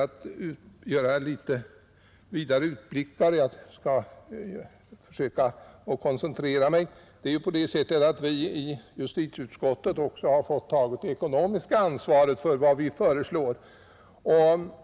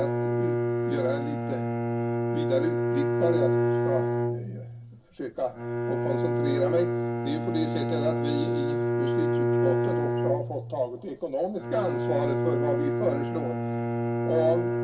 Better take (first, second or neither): first